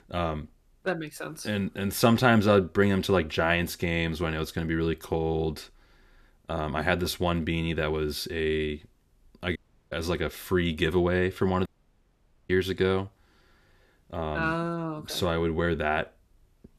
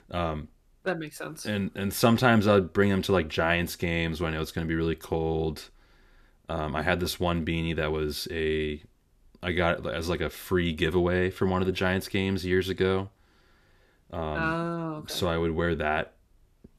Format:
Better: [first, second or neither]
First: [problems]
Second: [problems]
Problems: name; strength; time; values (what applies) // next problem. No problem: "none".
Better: second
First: audio cutting out; at 9.5 s and at 12 s for 1 s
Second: none